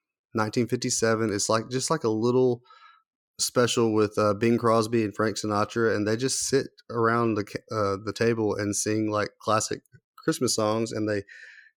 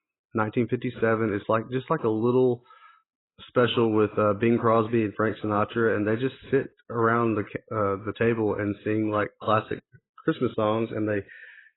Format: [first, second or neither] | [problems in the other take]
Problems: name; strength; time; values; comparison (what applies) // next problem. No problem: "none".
first | garbled, watery; badly; nothing above 4 kHz